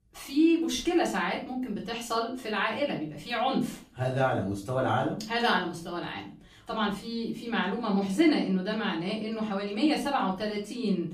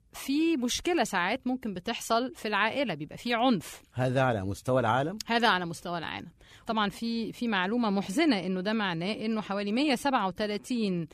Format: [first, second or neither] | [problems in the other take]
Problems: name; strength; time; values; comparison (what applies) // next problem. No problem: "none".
second | off-mic speech; far // room echo; slight; dies away in 0.3 s